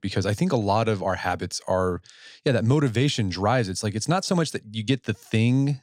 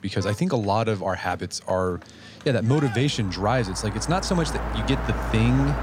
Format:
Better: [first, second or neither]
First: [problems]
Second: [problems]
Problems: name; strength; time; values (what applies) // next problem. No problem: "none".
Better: first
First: none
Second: traffic noise; loud; throughout; 7 dB below the speech